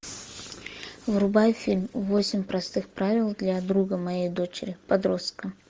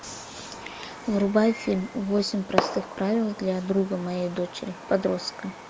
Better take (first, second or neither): first